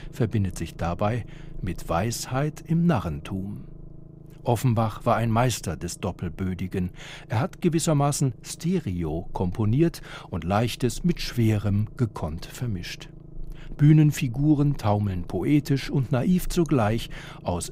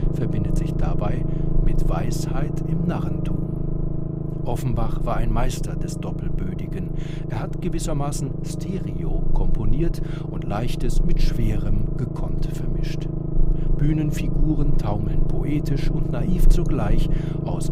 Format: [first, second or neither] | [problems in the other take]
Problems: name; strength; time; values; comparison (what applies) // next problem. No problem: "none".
first | low rumble; loud; throughout; 2 dB below the speech; faint in the first